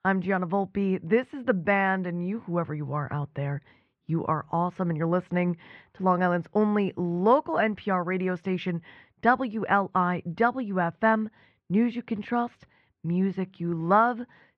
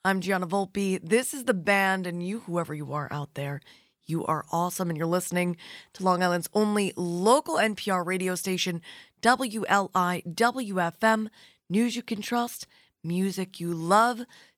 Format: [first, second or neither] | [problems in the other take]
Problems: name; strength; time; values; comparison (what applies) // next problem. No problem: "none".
second | muffled; very; fading above 2 kHz